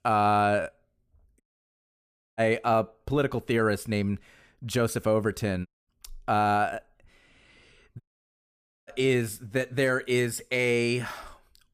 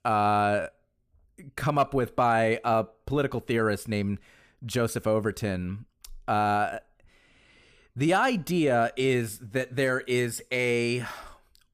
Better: second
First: audio cutting out; at 1.5 s for 1 s, at 5.5 s and at 8 s for 1 s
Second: none

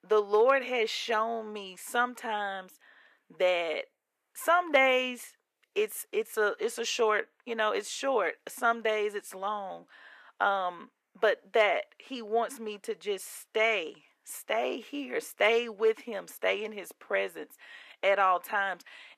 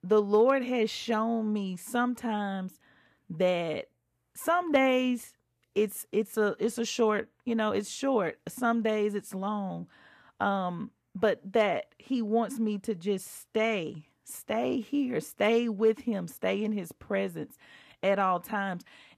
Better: second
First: thin; somewhat; fading below 400 Hz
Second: none

